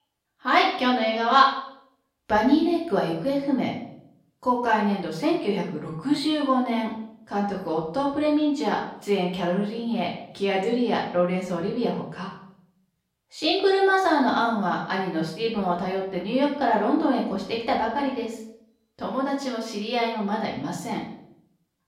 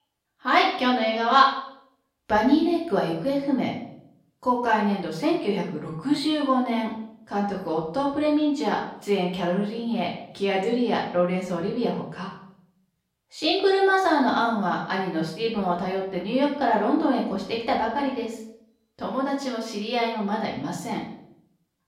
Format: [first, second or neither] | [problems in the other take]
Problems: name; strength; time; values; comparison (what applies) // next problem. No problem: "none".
neither | off-mic speech; far; the same in both // room echo; noticeable; dies away in 0.6 s; the same in both